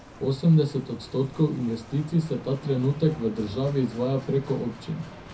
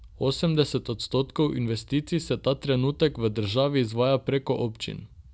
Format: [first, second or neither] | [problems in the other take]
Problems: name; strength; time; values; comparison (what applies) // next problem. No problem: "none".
second | background sound (Bicycle); 17 dB below the speech // room echo; dies away in 0.3 s